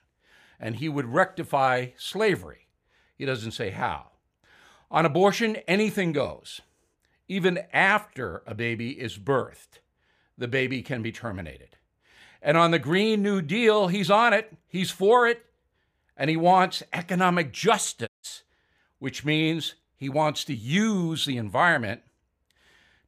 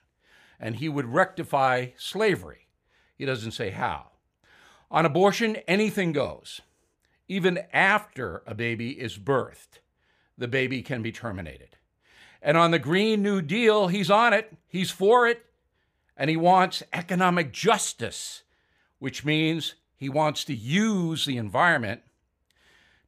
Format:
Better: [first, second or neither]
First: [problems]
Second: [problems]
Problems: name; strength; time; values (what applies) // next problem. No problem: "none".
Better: second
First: audio cutting out; at 18 s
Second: none